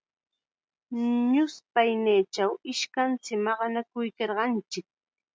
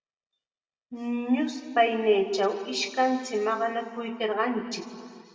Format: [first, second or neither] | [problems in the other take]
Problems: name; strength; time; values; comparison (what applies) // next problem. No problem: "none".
first | room echo; dies away in 2.1 s